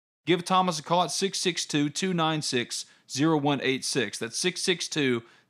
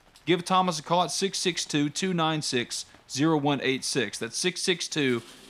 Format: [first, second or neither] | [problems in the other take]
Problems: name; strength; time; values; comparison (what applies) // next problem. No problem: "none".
first | rain or running water; faint; throughout; 30 dB below the speech